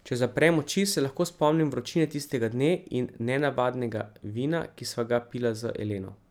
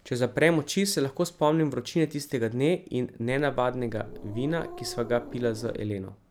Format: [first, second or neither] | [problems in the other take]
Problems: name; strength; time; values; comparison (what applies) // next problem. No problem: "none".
first | background sound (Growling); 13 dB below the speech